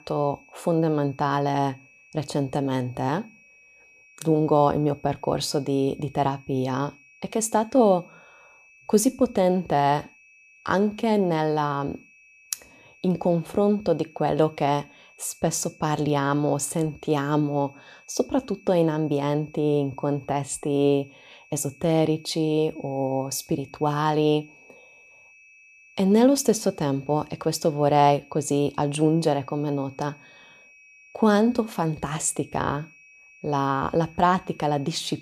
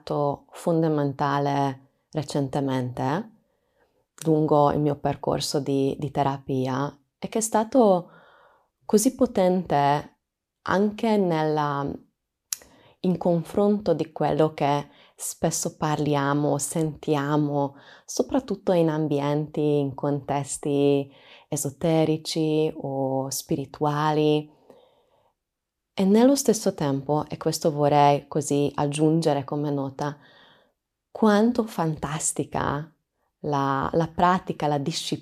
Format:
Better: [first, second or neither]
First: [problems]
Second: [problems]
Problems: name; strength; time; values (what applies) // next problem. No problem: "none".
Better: second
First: high-pitched whine; faint; throughout; 2.5 kHz, 25 dB below the speech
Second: none